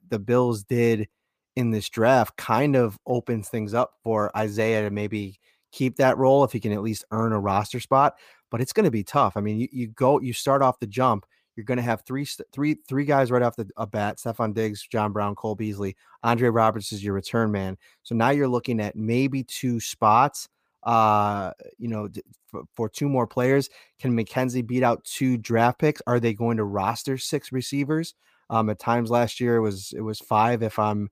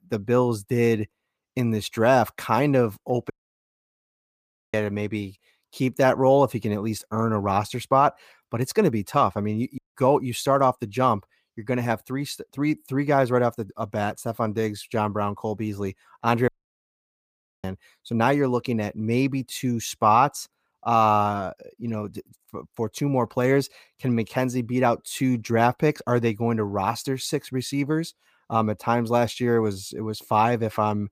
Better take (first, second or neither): first